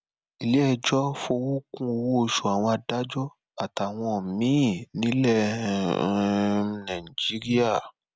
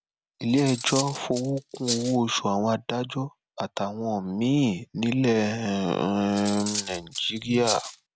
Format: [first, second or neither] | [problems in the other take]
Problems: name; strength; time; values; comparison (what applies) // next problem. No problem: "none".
first | background sound (Cutlery, silverware); 9 dB below the speech